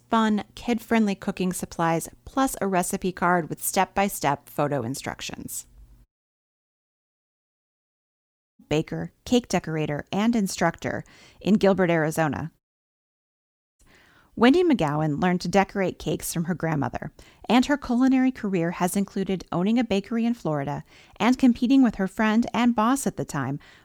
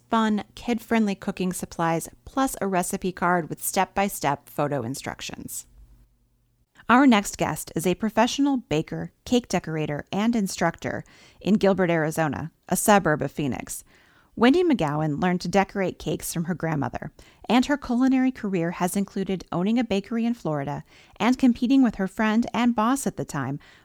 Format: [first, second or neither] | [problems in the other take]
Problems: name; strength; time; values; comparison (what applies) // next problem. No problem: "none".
second | audio cutting out; at 6 s for 2.5 s and at 13 s for 1 s